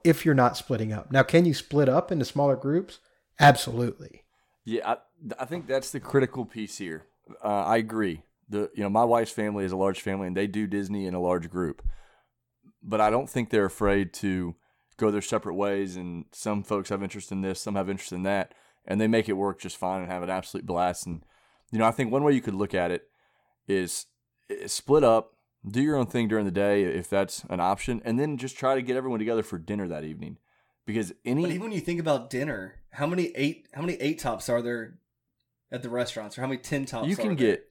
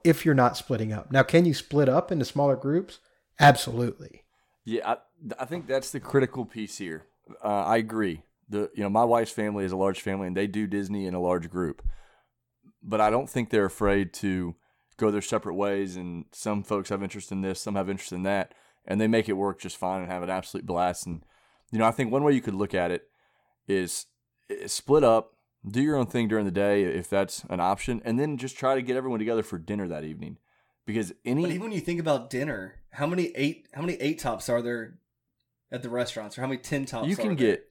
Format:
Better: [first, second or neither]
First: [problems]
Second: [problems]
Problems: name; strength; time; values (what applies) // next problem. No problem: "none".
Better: neither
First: none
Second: none